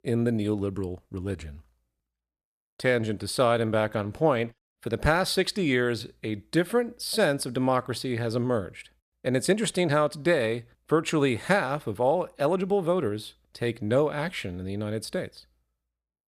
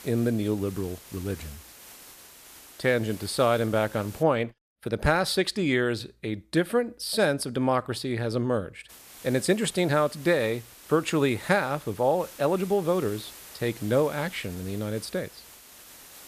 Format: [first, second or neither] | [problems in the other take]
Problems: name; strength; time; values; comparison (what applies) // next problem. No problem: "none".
first | hiss; noticeable; until 4 s and from 9 s on; 20 dB below the speech